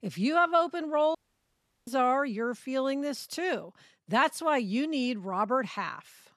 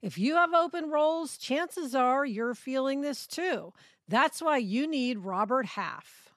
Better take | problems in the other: second | audio cutting out; at 1 s for 0.5 s

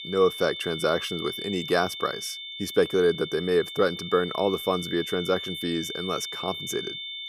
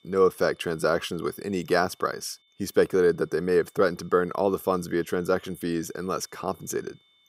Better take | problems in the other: second | high-pitched whine; loud; throughout; 3.5 kHz, 7 dB below the speech; faint in the second

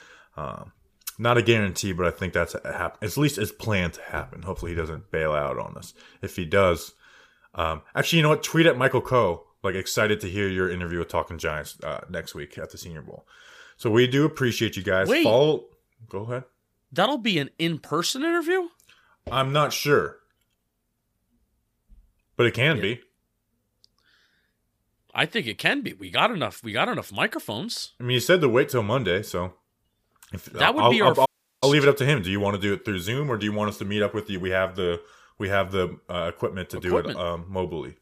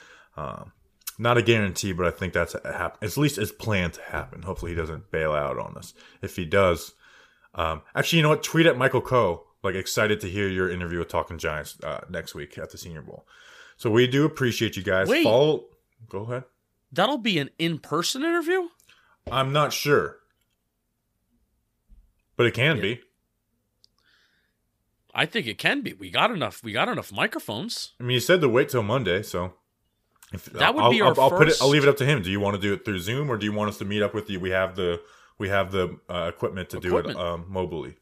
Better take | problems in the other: second | audio cutting out; at 31 s

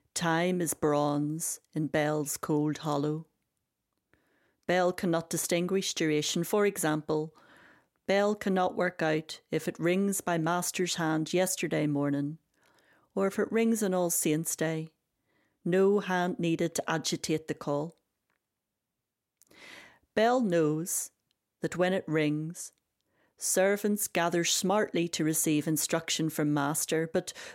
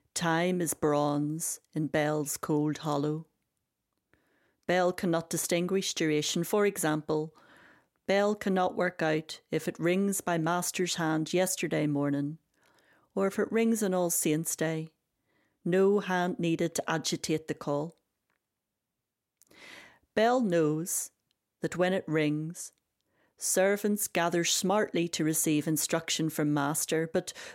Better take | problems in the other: neither | none

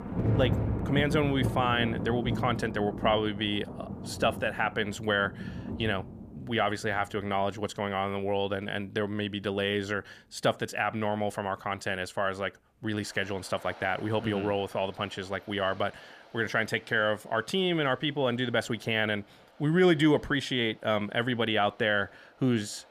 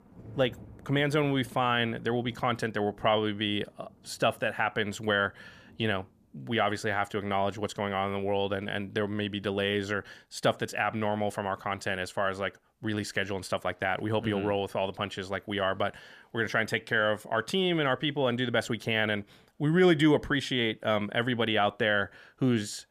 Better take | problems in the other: second | rain or running water; loud; throughout; 6 dB below the speech; faint in the second

